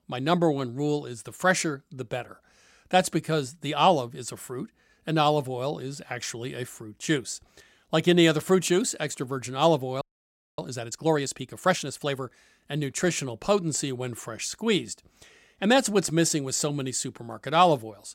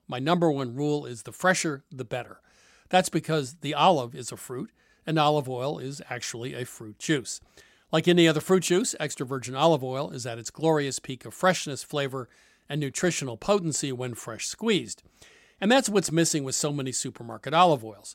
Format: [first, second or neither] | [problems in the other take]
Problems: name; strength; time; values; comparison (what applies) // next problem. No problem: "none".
second | audio freezing; at 10 s for 0.5 s